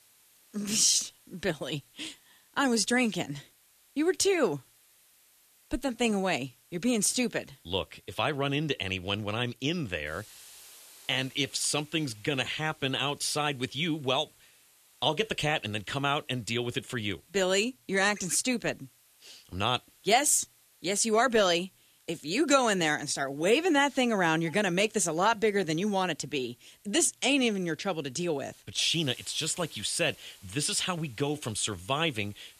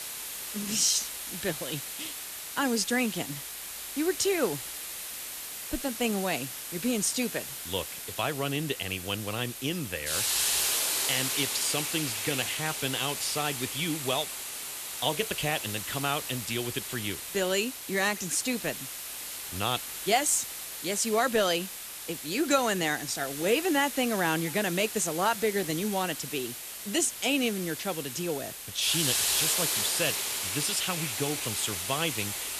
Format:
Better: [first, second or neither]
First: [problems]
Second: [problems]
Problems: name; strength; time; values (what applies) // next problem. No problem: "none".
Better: first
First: hiss; faint; throughout; 30 dB below the speech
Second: hiss; loud; throughout; 3 dB below the speech